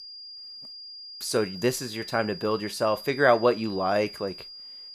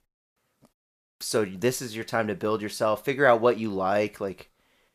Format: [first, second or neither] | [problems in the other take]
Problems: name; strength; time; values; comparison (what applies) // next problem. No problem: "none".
second | high-pitched whine; noticeable; throughout; 5 kHz, 15 dB below the speech